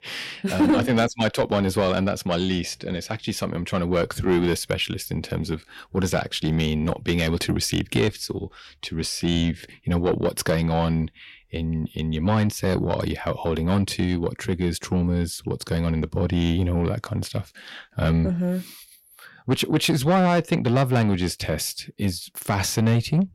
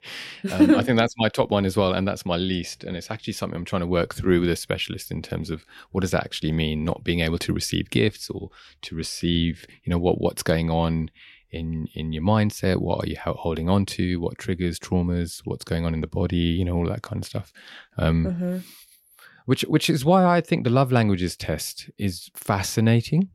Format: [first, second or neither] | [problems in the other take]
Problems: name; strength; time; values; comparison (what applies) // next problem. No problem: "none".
second | distortion; slight; 10 dB below the speech